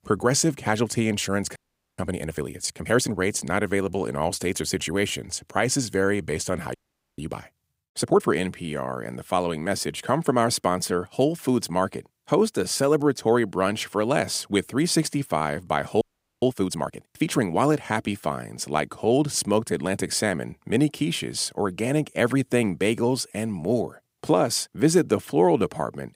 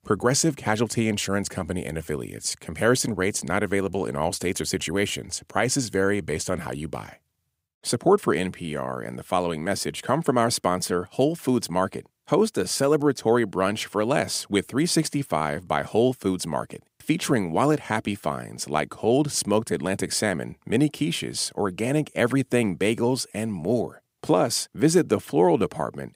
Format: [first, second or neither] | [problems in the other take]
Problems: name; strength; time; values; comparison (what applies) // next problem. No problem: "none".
second | audio freezing; at 1.5 s, at 7 s and at 16 s